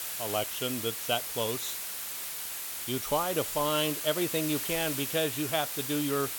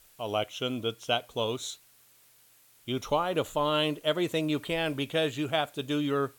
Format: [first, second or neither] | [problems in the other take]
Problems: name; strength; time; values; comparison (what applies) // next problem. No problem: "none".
second | hiss; loud; throughout; 2 dB below the speech; faint in the second